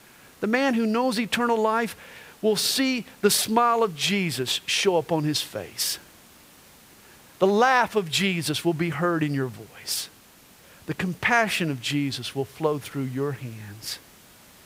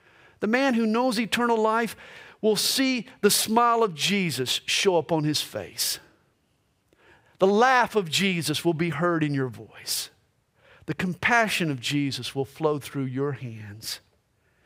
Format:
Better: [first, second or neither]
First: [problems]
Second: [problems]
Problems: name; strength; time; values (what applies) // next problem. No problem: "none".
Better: second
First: hiss; faint; throughout; 25 dB below the speech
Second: none